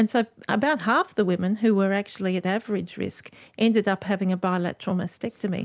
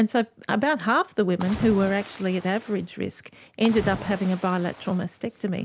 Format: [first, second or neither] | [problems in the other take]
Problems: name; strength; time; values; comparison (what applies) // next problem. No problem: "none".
first | background sound (Splash, splatter); 13 dB below the speech